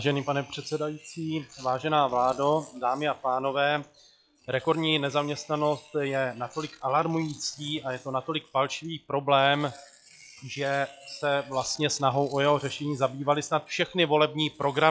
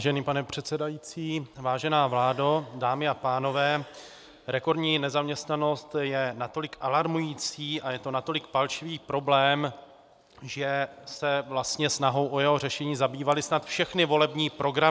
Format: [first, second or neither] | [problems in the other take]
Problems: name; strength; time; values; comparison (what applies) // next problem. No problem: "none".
second | noise reduction (classical method log-MMSE)